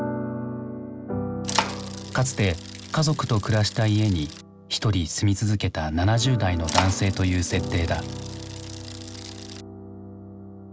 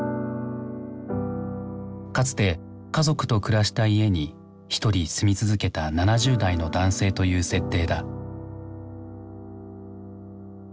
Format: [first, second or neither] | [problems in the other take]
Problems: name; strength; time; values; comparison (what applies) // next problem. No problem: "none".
second | background sound (Bicycle); 9 dB below the speech